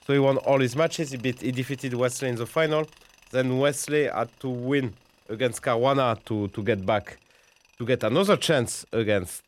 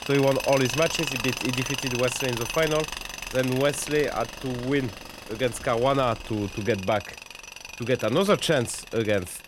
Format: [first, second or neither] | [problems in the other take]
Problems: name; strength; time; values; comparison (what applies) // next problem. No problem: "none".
first | machinery noise; loud; throughout; 7 dB below the speech; faint in the first